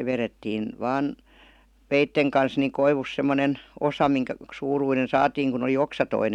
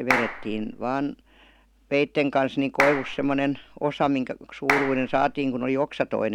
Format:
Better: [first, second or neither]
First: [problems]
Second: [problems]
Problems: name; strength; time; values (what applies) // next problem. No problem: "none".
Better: first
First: none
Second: background sound (Clapping); 5 dB below the speech